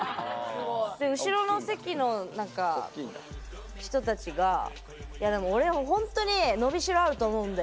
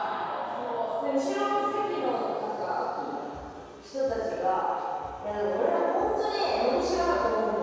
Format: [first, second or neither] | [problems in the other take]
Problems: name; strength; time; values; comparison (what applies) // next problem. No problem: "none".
first | room echo; dies away in 2.2 s